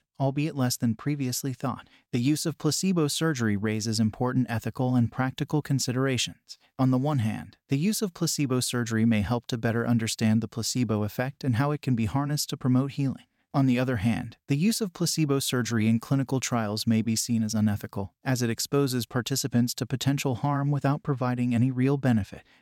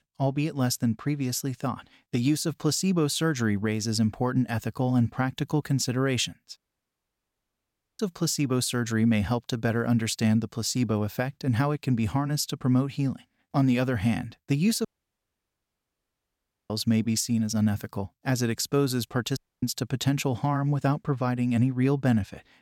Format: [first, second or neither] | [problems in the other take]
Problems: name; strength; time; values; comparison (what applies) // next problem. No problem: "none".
first | audio cutting out; at 6.5 s for 1.5 s, at 15 s for 2 s and at 19 s